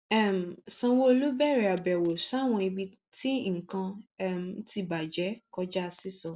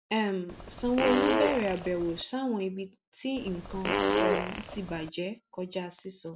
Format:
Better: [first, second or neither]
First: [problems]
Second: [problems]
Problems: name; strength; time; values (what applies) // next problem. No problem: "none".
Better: first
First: none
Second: background sound (Fart); 1 dB above the speech